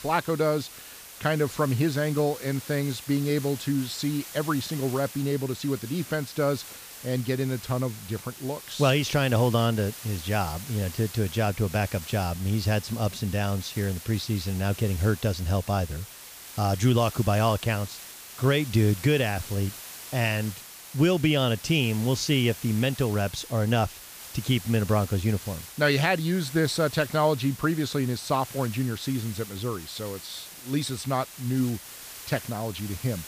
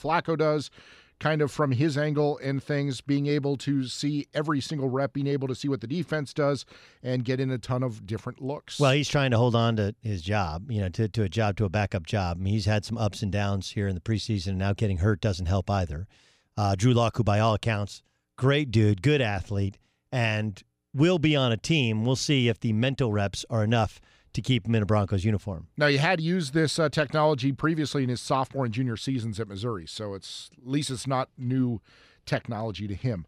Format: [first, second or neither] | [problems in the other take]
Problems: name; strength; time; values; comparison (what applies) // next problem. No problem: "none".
second | hiss; noticeable; throughout; 15 dB below the speech